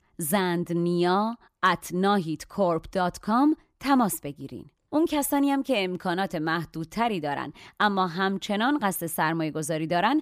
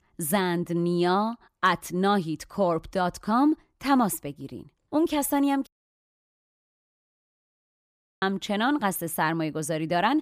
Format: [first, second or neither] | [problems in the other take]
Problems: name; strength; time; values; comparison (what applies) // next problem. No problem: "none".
first | audio cutting out; at 5.5 s for 2.5 s